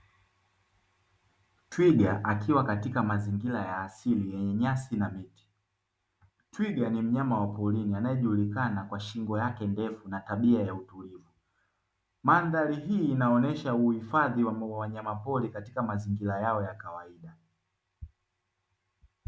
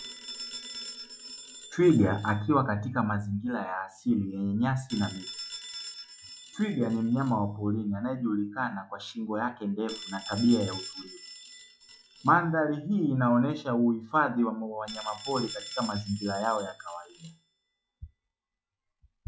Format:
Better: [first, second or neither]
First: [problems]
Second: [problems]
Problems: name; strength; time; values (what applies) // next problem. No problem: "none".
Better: first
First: none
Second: noise reduction (classical method log-MMSE)